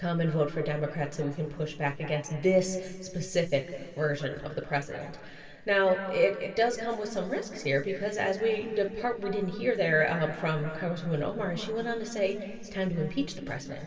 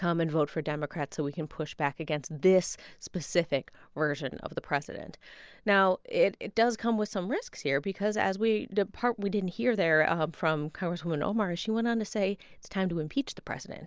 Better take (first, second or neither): second